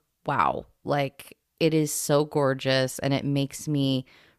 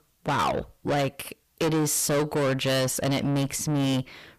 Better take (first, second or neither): first